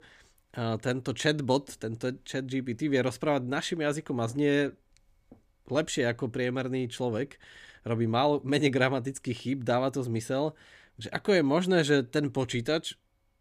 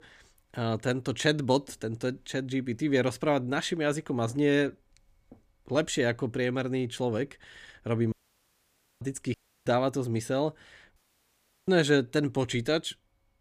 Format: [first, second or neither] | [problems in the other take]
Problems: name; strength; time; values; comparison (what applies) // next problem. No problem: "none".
first | audio cutting out; at 8 s for 1 s, at 9.5 s and at 11 s for 0.5 s